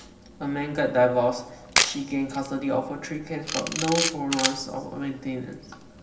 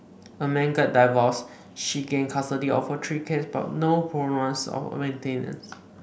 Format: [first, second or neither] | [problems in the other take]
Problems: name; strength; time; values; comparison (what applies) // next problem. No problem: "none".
second | background sound (Camera); 4 dB below the speech // room echo; dies away in 1.3 s